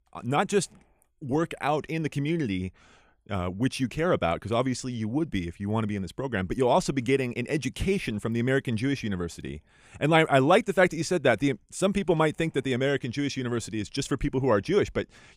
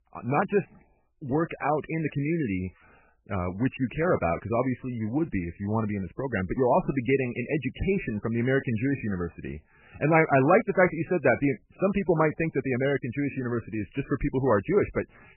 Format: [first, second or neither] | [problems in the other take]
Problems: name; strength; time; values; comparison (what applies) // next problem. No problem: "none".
first | garbled, watery; badly; nothing above 2.5 kHz